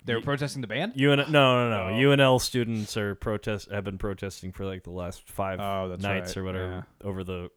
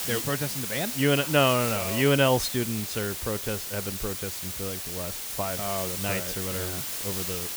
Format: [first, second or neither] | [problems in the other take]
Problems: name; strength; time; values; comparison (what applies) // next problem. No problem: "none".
first | hiss; loud; throughout; 3 dB below the speech